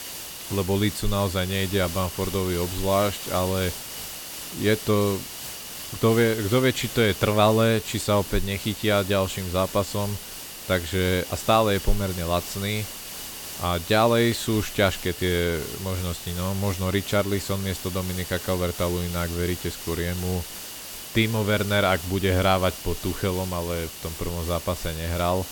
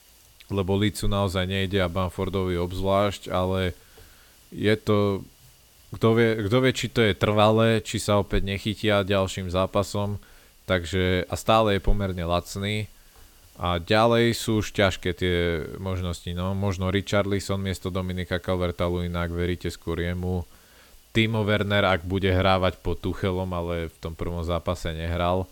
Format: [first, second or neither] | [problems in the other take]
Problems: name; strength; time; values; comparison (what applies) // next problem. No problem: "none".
second | hiss; loud; throughout; 9 dB below the speech; faint in the second